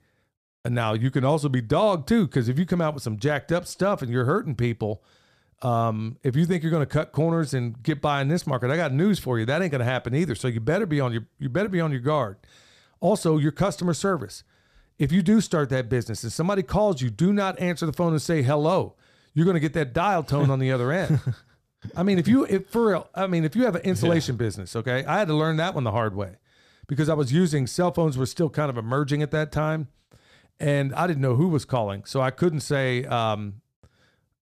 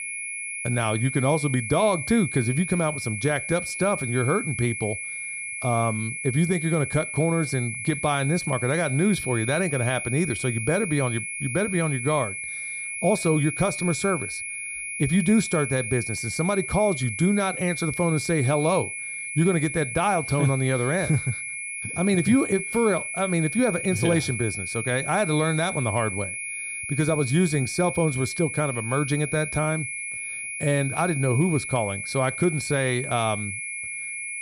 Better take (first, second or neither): first